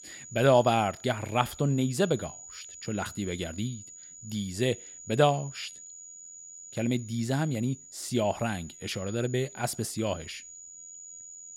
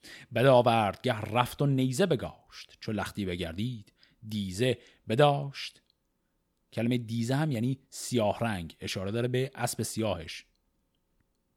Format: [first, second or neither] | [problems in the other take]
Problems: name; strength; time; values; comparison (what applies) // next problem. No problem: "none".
second | high-pitched whine; noticeable; throughout; 7 kHz, 15 dB below the speech